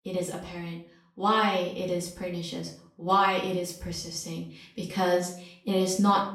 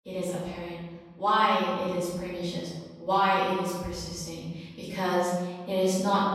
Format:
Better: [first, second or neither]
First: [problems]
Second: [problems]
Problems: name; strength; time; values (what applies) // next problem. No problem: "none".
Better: first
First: room echo; slight; dies away in 0.4 s // off-mic speech; far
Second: room echo; strong; dies away in 1.3 s // off-mic speech; far